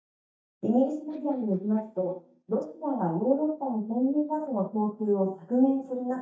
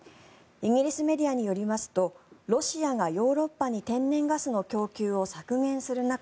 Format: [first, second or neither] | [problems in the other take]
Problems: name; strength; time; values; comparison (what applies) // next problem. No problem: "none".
second | noise reduction (neural mask model DeepFilterNet 3)